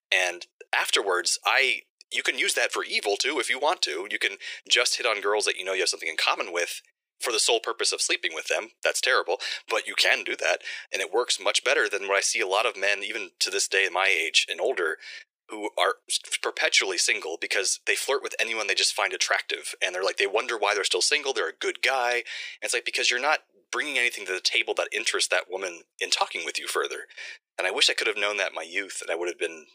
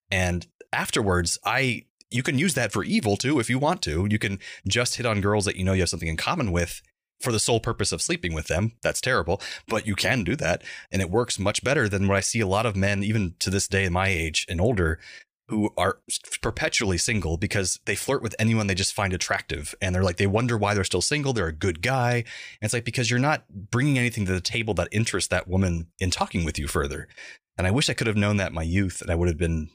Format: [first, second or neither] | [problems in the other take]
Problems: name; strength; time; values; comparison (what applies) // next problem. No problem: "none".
second | thin; very; fading below 400 Hz